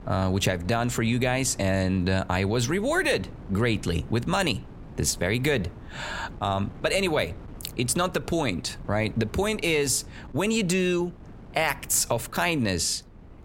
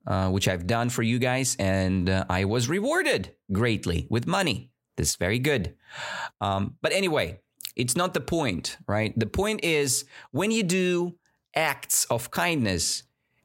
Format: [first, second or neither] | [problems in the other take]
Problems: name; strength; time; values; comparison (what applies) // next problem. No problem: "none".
second | wind noise on the microphone; occasional gusts; 25 dB below the speech